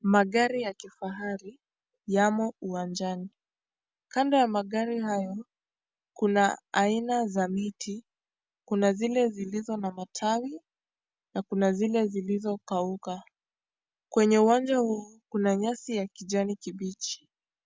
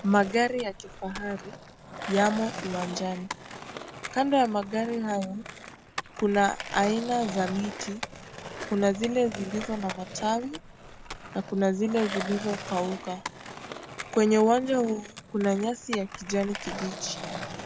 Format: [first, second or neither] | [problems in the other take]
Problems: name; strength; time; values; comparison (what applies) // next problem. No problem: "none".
first | background sound (Skateboard); 11 dB below the speech